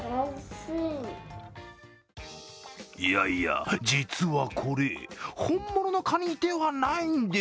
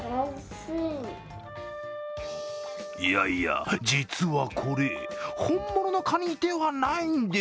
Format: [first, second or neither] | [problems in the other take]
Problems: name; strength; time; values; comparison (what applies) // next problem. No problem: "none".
first | background sound (Wind instrument, woodwind instrument); 11 dB below the speech